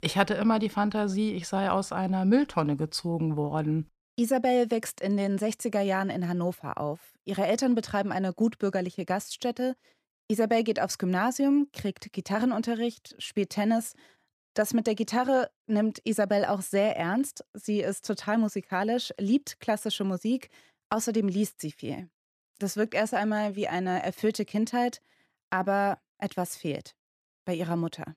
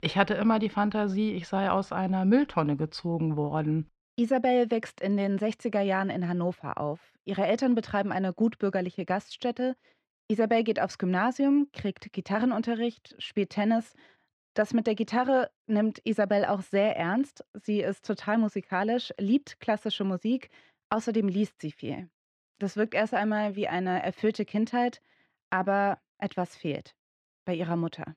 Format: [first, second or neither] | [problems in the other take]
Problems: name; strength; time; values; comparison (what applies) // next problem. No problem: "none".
first | muffled; slightly; fading above 3 kHz